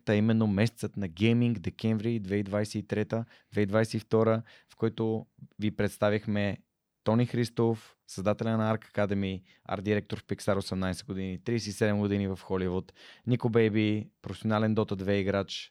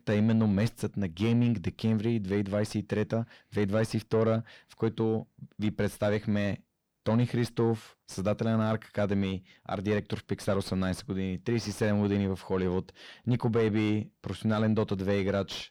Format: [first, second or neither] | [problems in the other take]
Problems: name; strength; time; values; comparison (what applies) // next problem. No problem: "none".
first | distortion; slight; 10 dB below the speech